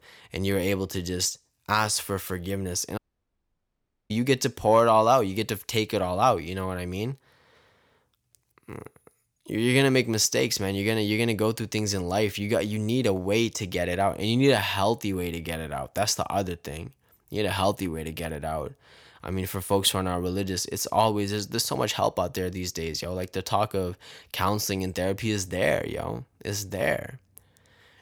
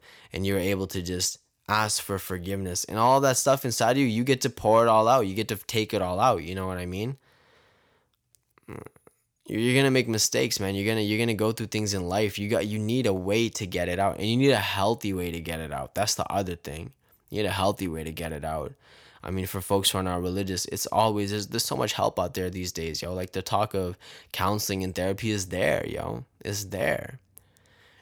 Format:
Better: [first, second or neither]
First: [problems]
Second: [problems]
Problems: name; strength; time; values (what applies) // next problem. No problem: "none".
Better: second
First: audio cutting out; at 3 s for 1 s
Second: none